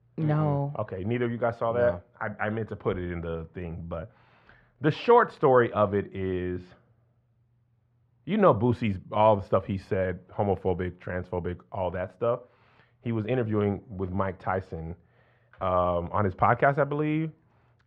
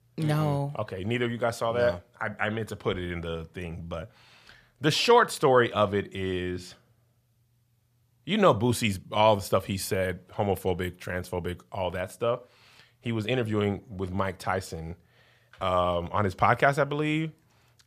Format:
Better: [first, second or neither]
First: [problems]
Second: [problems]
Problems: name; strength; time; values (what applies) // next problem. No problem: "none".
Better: second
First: muffled; very; fading above 1.5 kHz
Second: none